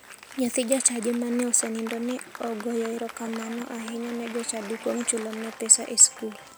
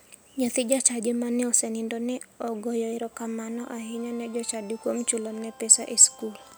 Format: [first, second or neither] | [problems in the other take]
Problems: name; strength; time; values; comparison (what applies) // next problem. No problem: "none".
second | background sound (Applause); 16 dB below the speech